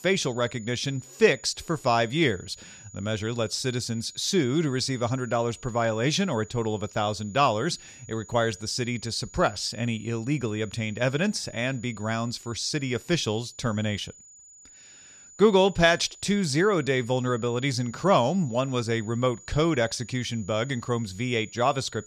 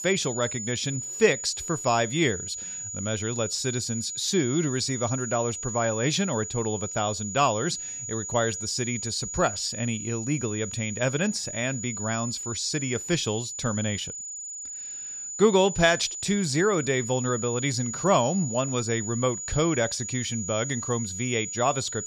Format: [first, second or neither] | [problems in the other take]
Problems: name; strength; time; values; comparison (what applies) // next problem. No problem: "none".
first | high-pitched whine; loud; throughout; 7 kHz, 6 dB below the speech; faint in the first